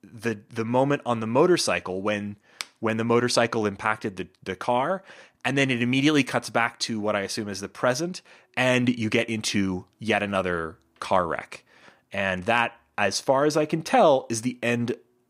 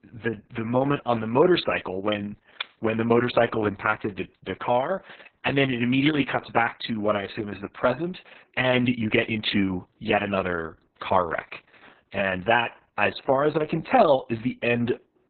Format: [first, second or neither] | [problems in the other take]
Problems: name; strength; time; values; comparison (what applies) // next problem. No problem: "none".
first | garbled, watery; badly; nothing above 4 kHz